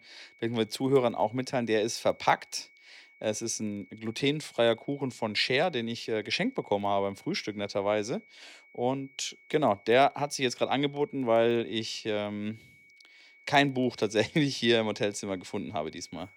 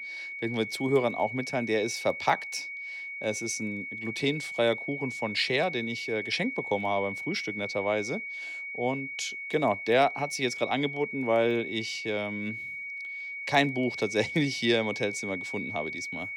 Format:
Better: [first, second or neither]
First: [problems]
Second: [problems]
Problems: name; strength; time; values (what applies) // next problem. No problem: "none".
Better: first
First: high-pitched whine; faint; throughout; 2 kHz, 25 dB below the speech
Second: high-pitched whine; loud; throughout; 2 kHz, 6 dB below the speech